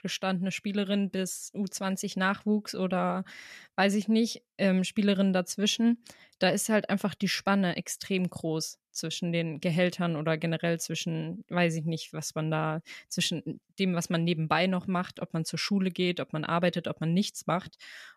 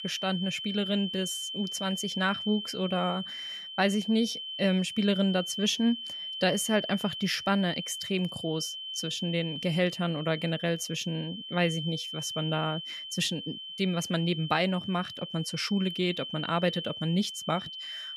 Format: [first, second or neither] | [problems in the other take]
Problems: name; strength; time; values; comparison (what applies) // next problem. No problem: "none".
first | high-pitched whine; loud; throughout; 3 kHz, 6 dB below the speech